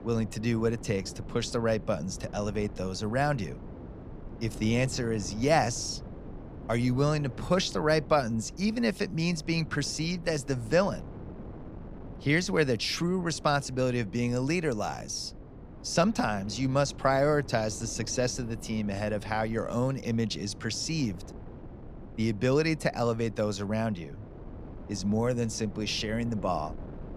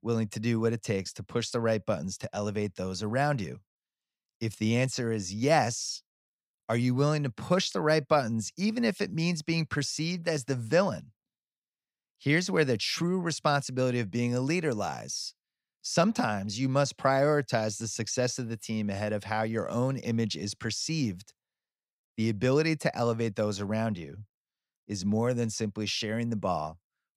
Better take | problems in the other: second | wind noise on the microphone; occasional gusts; 20 dB below the speech

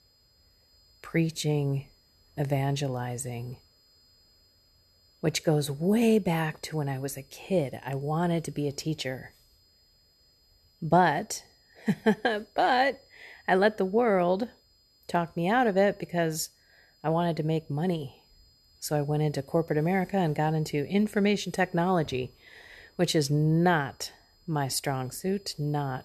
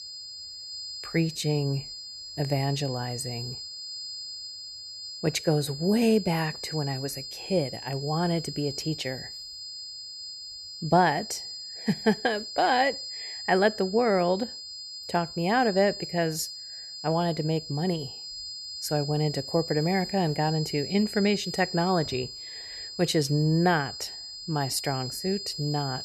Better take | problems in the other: first | high-pitched whine; loud; throughout; 5 kHz, 9 dB below the speech; faint in the first

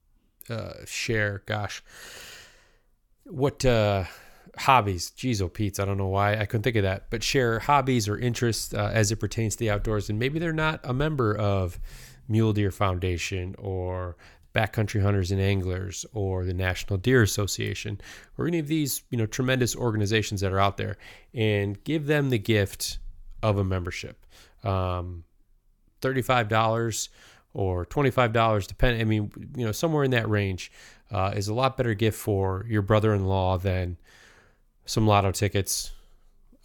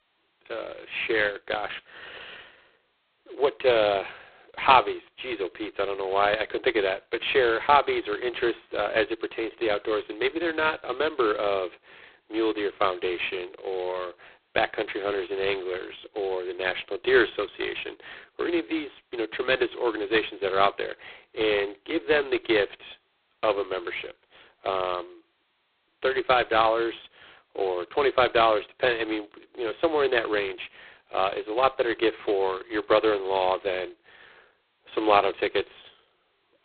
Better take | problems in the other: first | phone-call audio; poor line; nothing above 4 kHz

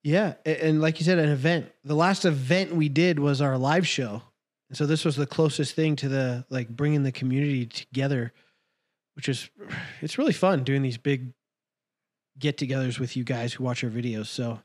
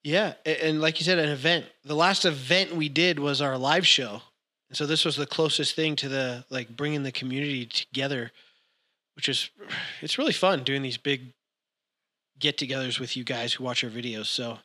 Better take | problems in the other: first | thin; very slightly; fading below 500 Hz

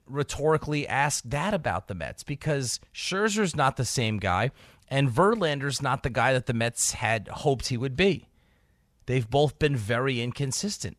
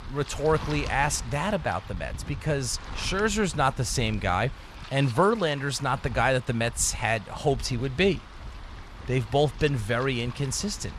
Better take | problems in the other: first | wind noise on the microphone; occasional gusts; 15 dB below the speech

